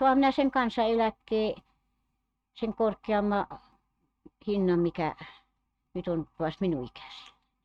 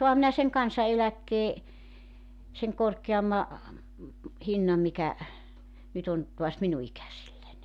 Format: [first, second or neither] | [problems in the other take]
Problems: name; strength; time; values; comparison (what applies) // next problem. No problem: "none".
second | noise reduction (neural mask model RNNoise)